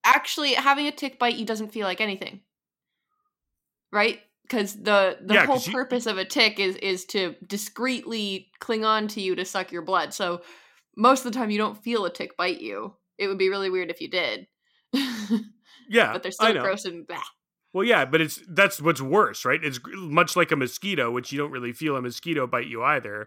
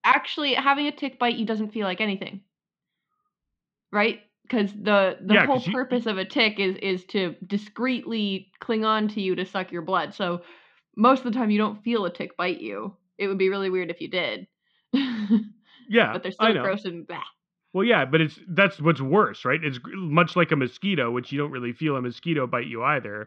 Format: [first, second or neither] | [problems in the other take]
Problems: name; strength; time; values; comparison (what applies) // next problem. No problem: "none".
first | muffled; slightly; fading above 3.5 kHz